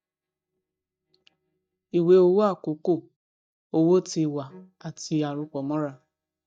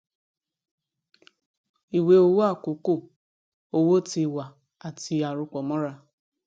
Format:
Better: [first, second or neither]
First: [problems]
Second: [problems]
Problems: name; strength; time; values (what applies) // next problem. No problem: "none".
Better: second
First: noise reduction (neural mask model DeepFilterNet 3)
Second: none